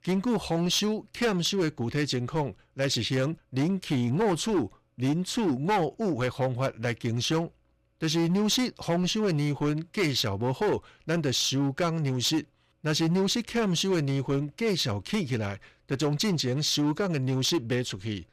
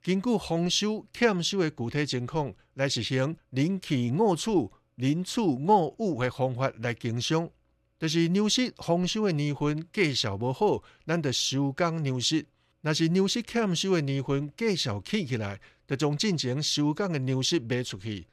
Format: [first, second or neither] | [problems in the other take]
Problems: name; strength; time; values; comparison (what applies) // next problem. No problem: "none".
second | distortion; slight; 10% of the sound clipped